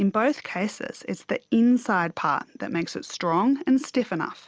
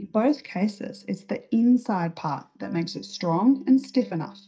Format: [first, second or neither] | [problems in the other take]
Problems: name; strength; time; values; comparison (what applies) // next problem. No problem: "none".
first | noise reduction (neural mask model DeepFilterNet 3)